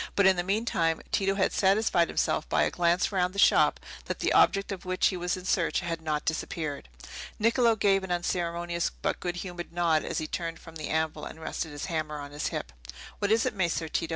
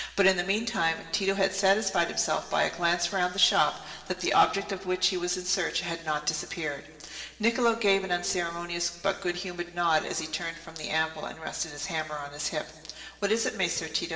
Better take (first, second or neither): first